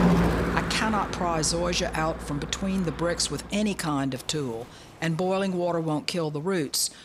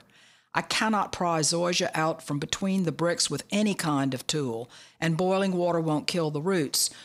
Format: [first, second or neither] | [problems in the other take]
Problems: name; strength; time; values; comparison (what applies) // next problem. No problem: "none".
second | traffic noise; loud; throughout; 4 dB below the speech